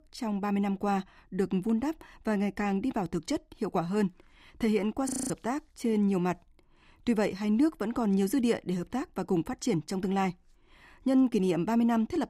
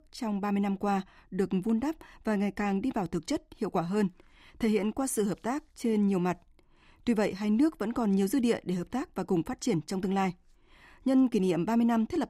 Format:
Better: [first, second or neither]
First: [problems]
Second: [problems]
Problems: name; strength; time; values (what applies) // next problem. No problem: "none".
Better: second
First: audio freezing; at 5 s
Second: none